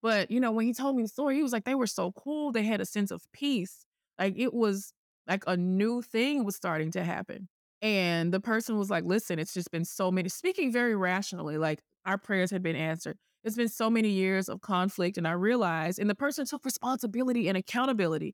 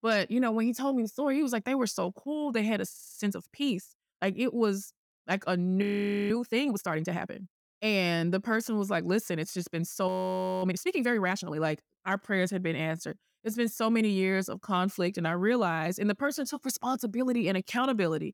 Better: first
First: none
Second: audio freezing; at 3 s, at 6 s and at 10 s for 0.5 s

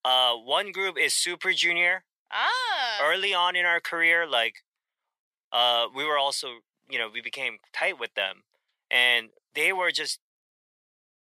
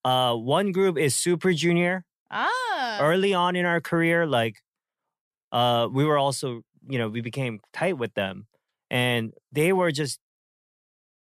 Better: second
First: thin; very; fading below 700 Hz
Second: none

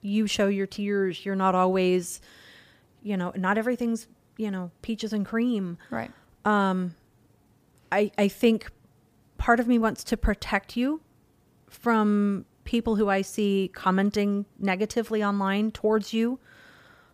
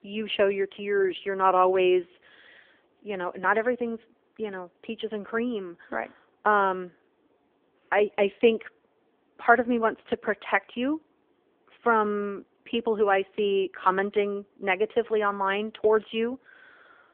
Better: first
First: none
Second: phone-call audio; poor line; nothing above 3 kHz

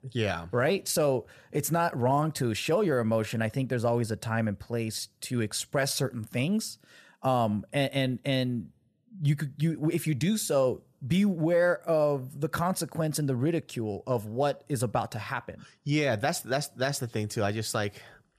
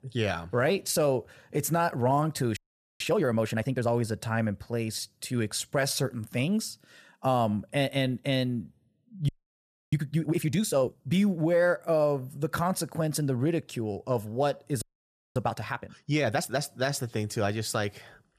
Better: first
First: none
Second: audio freezing; at 2.5 s, at 9.5 s for 0.5 s and at 15 s for 0.5 s

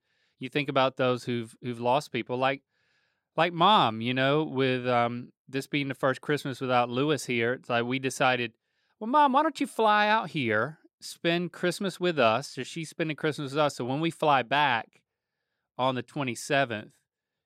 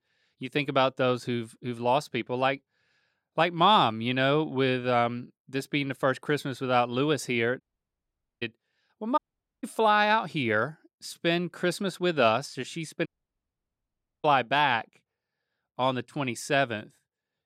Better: first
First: none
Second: audio cutting out; at 7.5 s for 1 s, at 9 s and at 13 s for 1 s

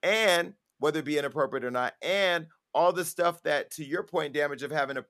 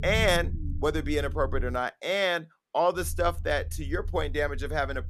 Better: first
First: none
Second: low rumble; faint; until 2 s and from 3 s on; 20 dB below the speech

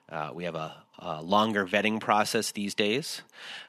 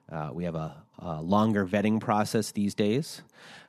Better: second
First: thin; very slightly; fading below 950 Hz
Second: none

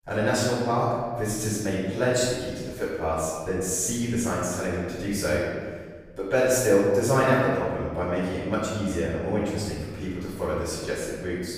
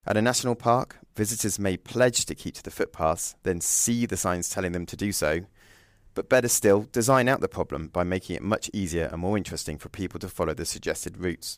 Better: second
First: room echo; strong; dies away in 1.5 s // off-mic speech; far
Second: none

